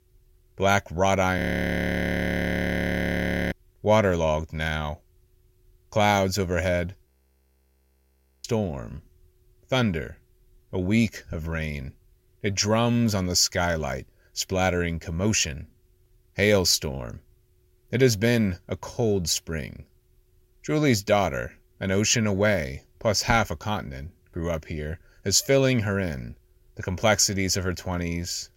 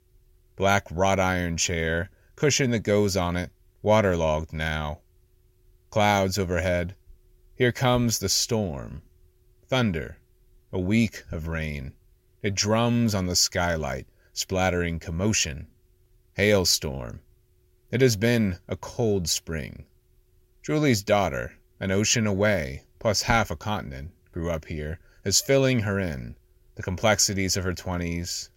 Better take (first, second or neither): second